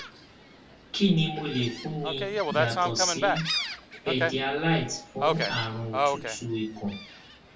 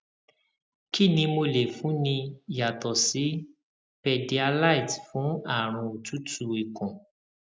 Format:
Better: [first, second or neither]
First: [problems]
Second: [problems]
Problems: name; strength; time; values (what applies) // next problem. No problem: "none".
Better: second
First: background sound (Gull, seagull); 1 dB below the speech // room echo; dies away in 0.1 s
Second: none